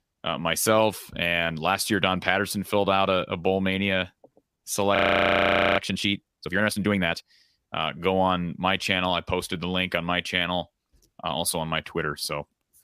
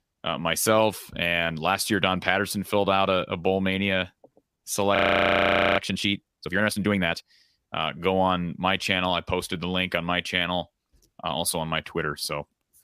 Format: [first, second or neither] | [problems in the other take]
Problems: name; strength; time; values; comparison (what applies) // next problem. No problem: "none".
neither | audio freezing; at 5 s for 1 s; the same in both